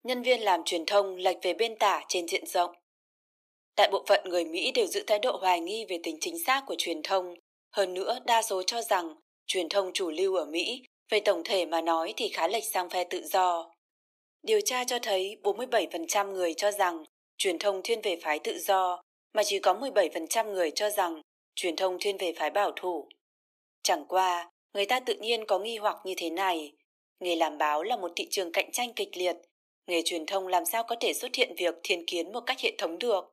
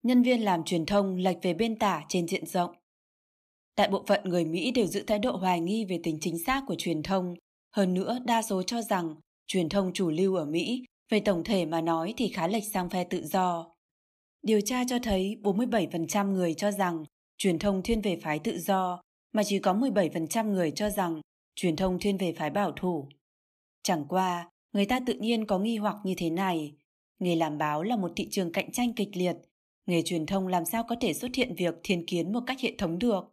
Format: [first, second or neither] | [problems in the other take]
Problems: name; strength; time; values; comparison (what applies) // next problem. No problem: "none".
second | thin; very; fading below 400 Hz